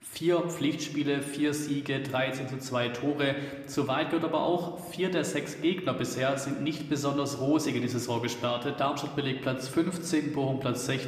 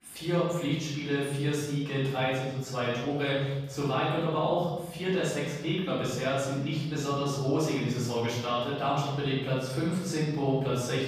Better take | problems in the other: first | room echo; strong; dies away in 1.2 s; slight in the first // off-mic speech; far

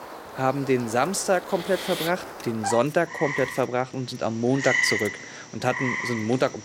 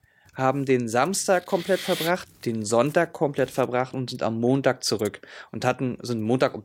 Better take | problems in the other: second | animal sounds; loud; throughout; 5 dB below the speech

